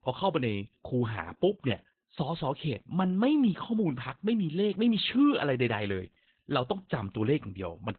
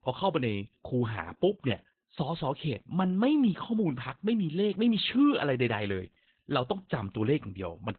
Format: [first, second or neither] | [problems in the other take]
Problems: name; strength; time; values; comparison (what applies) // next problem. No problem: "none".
neither | garbled, watery; badly; nothing above 4 kHz; the same in both